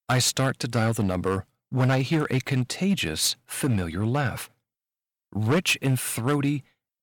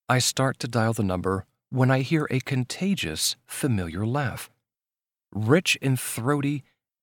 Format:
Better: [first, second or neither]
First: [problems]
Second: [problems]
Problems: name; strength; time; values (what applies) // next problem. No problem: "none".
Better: second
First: distortion; slight; 5% of the sound clipped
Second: none